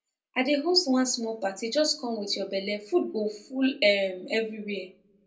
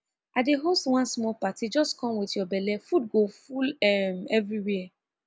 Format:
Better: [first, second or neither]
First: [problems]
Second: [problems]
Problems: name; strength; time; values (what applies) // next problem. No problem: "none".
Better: second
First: room echo; dies away in 0.2 s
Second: none